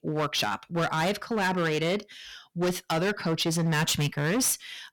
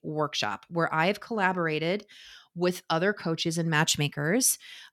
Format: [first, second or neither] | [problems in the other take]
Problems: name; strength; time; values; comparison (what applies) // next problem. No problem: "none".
second | distortion; heavy; 19% of the sound clipped